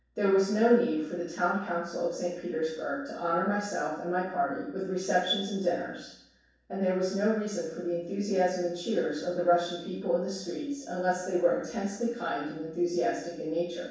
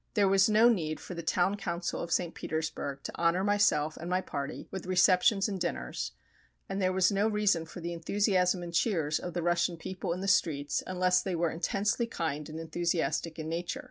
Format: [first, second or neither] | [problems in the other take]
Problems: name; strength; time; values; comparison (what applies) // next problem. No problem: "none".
second | room echo; dies away in 0.7 s